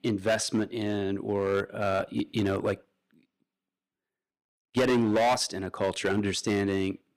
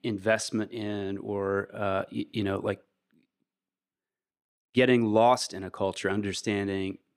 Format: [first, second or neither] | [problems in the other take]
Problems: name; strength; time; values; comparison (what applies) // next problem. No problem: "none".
second | distortion; heavy; 6% of the sound clipped